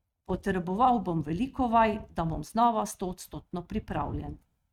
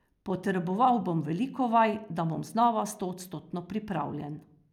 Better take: second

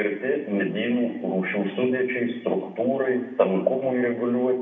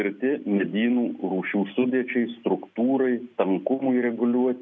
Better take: second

